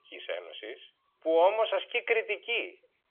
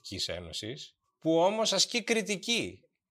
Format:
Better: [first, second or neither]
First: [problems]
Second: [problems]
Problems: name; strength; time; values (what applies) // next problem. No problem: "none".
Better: second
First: phone-call audio; nothing above 3.5 kHz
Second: none